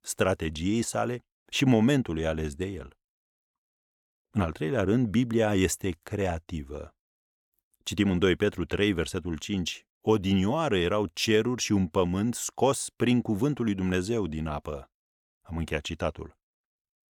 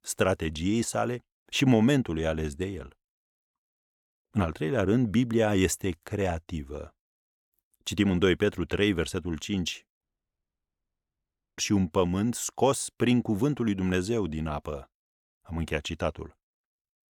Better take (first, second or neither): first